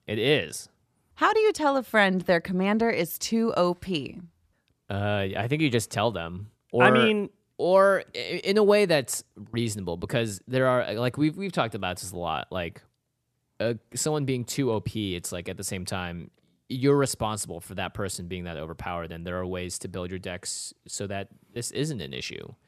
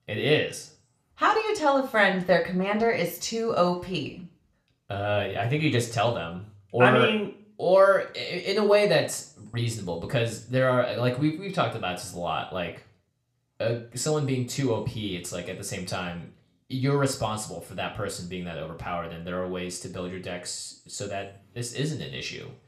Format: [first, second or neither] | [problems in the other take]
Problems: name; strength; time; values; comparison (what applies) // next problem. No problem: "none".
first | room echo; slight; dies away in 0.4 s // off-mic speech; somewhat distant